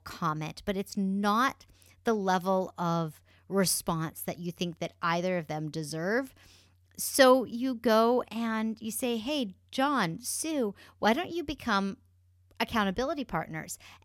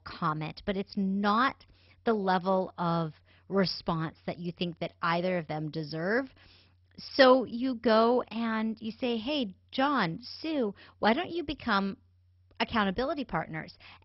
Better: first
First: none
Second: garbled, watery; badly; nothing above 5.5 kHz

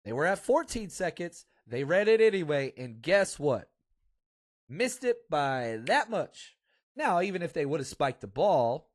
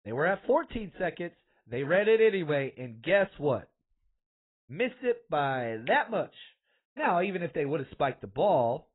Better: first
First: garbled, watery; slightly; nothing above 11.5 kHz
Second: garbled, watery; badly; nothing above 4 kHz

